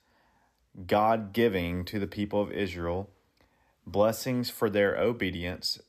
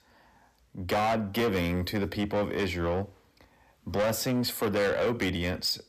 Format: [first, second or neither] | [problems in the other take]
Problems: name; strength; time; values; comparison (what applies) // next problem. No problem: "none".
first | distortion; heavy; 6 dB below the speech